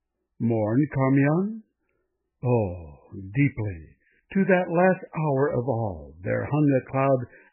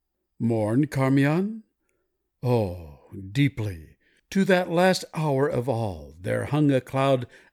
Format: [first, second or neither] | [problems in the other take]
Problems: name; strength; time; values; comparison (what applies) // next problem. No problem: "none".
second | garbled, watery; badly; nothing above 2.5 kHz